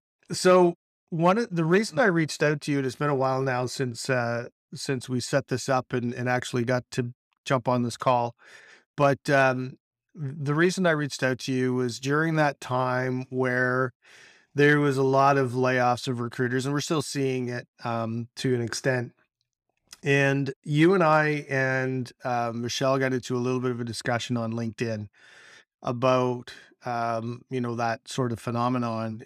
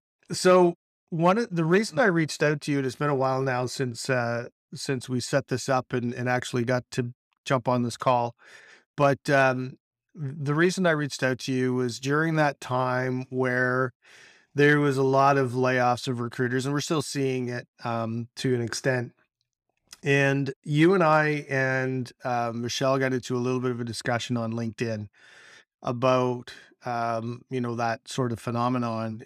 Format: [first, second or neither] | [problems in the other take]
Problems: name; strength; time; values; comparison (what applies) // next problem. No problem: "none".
neither | none